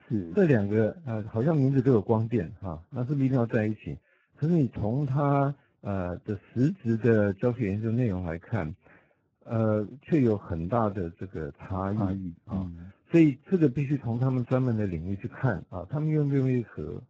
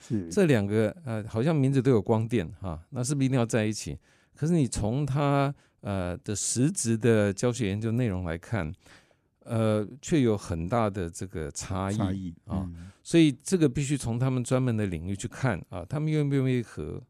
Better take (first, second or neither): second